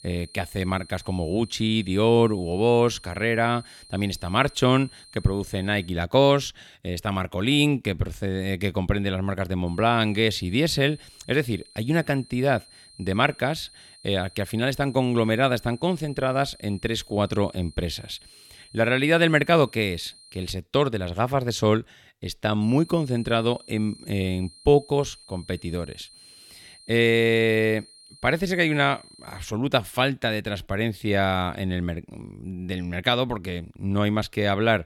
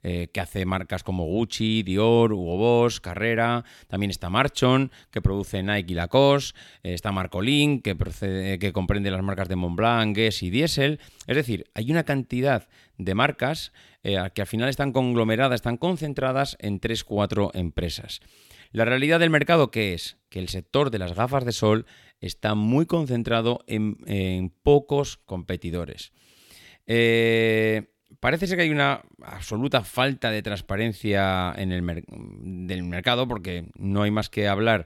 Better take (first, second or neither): second